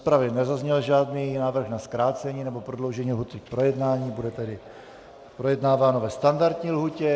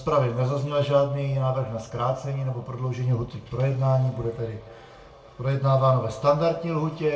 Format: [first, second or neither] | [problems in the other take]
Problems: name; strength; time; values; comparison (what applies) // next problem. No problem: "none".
first | room echo; dies away in 0.3 s